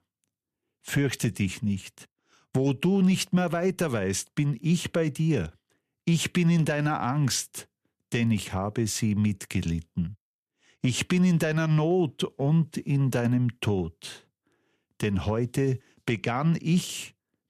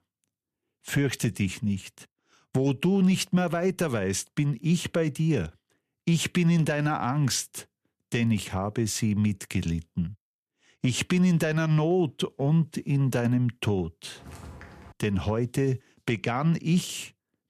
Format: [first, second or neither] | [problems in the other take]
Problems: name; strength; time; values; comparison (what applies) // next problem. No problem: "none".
first | footsteps; faint; at 14 s; peak 20 dB below the speech